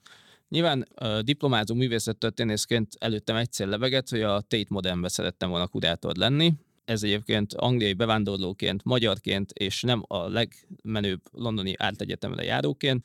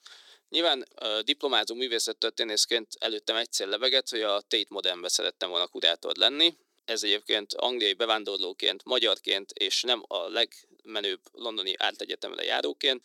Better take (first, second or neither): first